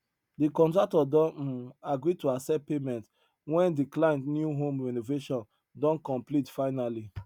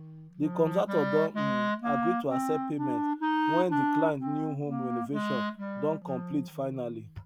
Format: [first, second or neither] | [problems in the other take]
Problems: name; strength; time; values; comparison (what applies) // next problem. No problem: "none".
first | background sound (Wind instrument, woodwind instrument); as loud as the speech